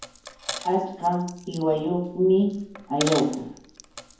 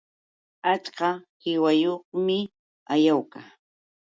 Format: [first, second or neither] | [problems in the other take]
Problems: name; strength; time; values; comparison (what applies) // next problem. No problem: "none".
second | background sound (Coin (dropping)); 12 dB below the speech // room echo; dies away in 0.9 s